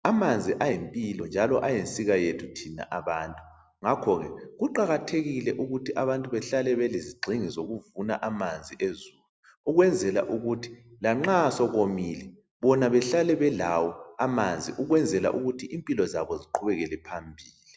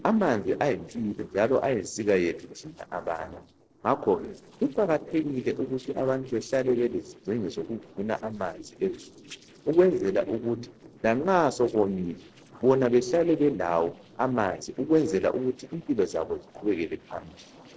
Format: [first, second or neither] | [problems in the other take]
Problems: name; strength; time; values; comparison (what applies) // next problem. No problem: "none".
first | noise reduction (neural separator model SepFormer DNS4)